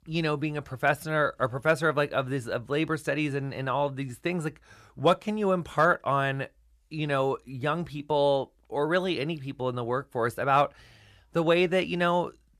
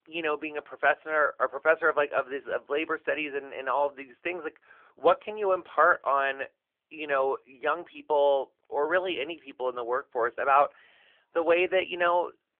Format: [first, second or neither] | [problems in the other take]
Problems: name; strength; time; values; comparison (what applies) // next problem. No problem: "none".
first | phone-call audio